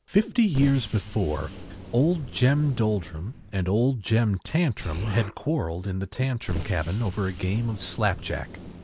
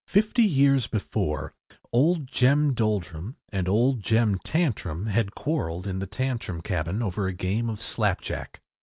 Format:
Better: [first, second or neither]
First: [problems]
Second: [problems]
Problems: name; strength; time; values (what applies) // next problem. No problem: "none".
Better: second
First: background sound (Explosion); 13 dB below the speech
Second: none